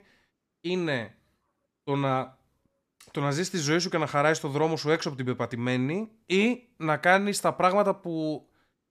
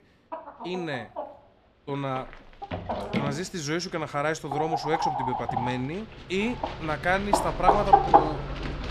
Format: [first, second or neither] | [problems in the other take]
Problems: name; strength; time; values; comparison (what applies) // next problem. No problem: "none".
first | animal sounds; very loud; throughout; 4 dB above the speech